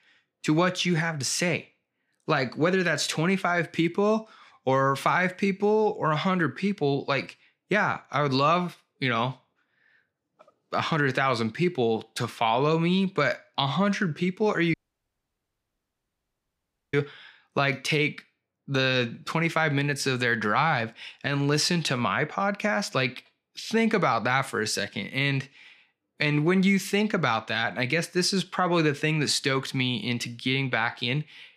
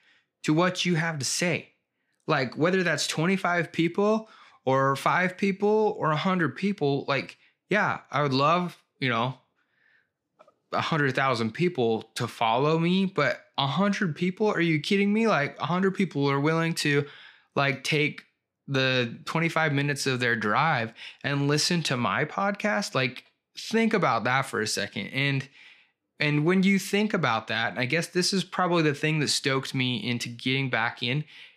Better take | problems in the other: second | audio cutting out; at 15 s for 2 s

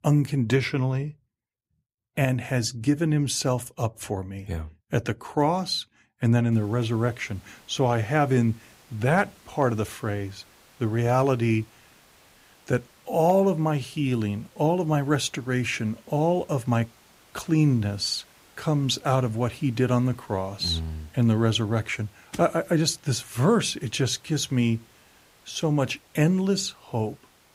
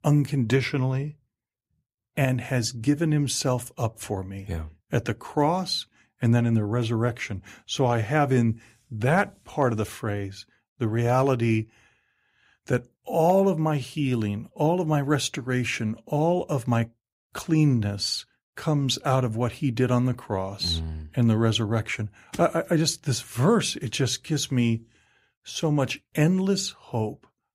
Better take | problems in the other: second | hiss; faint; from 6.5 s on; 30 dB below the speech

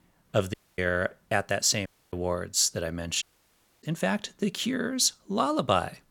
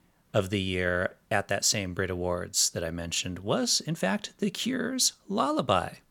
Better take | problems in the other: second | audio cutting out; at 0.5 s, at 2 s and at 3 s for 0.5 s

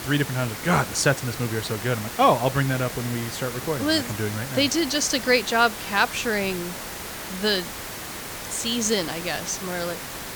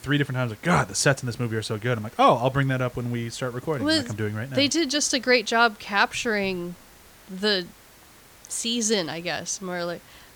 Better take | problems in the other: second | hiss; loud; throughout; 9 dB below the speech; faint in the second

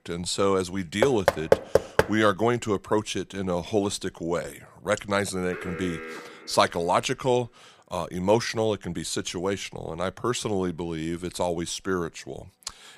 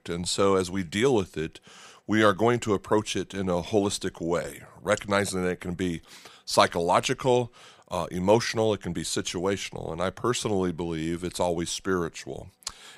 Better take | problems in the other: second | door banging; loud; from 1 to 2 s; peak 4 dB above the speech // alarm; noticeable; from 5.5 to 7 s; peak 9 dB below the speech

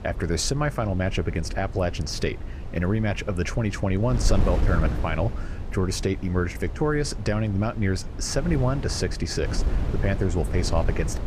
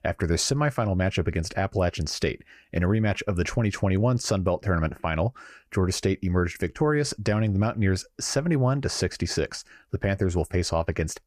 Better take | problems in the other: second | wind noise on the microphone; occasional gusts; 10 dB below the speech

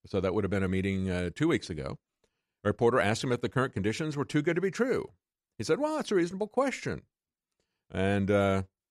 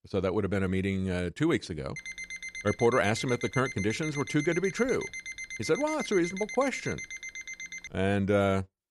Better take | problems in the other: first | alarm; noticeable; from 2 to 8 s; peak 8 dB below the speech

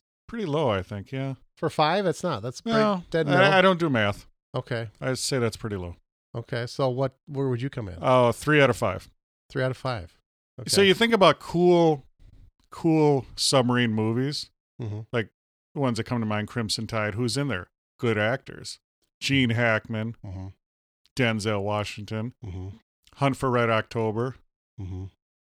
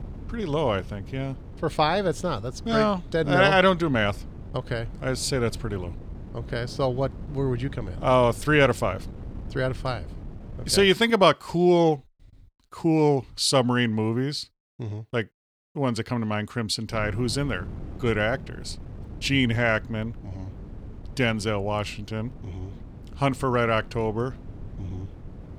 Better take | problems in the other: first | wind noise on the microphone; occasional gusts; until 11 s and from 17 s on; 25 dB below the speech

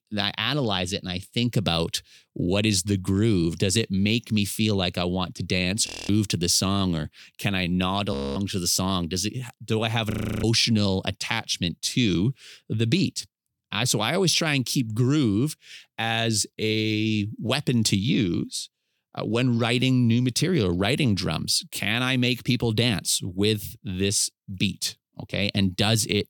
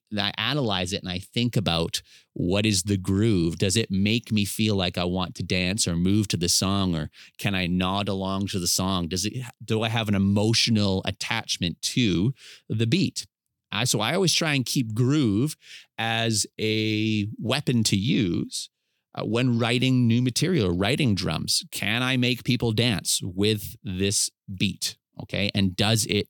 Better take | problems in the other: second | audio freezing; at 6 s, at 8 s and at 10 s

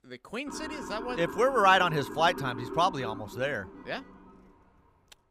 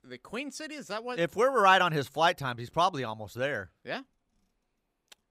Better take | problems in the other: second | siren; faint; until 4.5 s; peak 10 dB below the speech

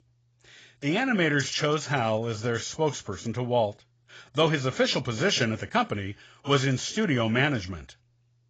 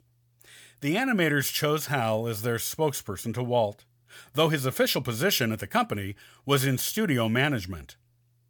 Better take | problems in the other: second | garbled, watery; badly; nothing above 7.5 kHz

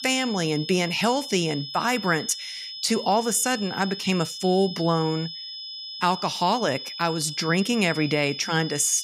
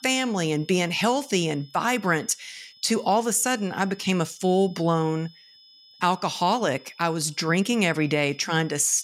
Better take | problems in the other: second | high-pitched whine; loud; throughout; 5 kHz, 9 dB below the speech; faint in the second

